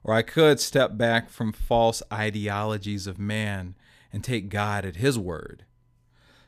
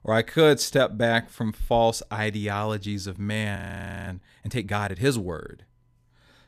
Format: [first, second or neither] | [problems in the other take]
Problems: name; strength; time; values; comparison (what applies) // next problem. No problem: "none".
first | audio freezing; at 3.5 s for 0.5 s